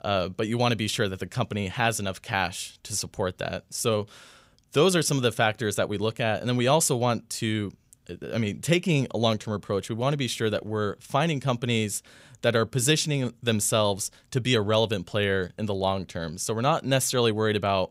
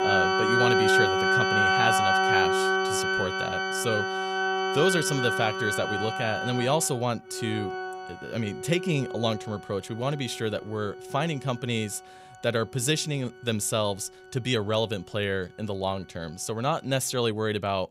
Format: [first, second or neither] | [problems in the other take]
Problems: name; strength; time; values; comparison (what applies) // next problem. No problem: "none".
first | background music; very loud; throughout; 3 dB above the speech